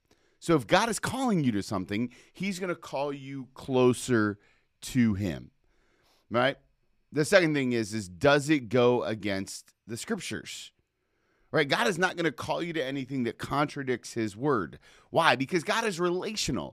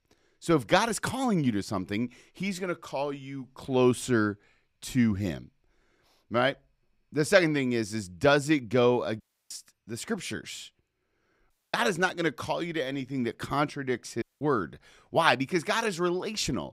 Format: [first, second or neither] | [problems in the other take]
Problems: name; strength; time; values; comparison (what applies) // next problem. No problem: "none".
first | audio cutting out; at 9 s, at 12 s and at 14 s